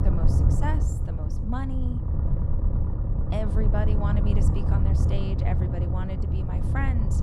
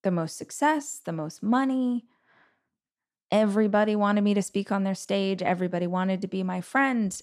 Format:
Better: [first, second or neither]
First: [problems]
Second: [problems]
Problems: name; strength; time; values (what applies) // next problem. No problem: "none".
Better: second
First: low rumble; loud; throughout; 2 dB below the speech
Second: none